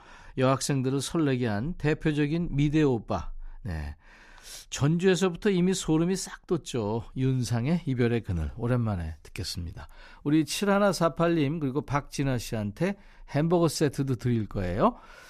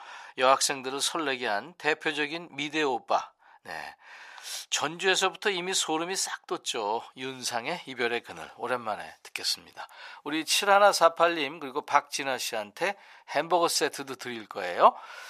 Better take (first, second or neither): first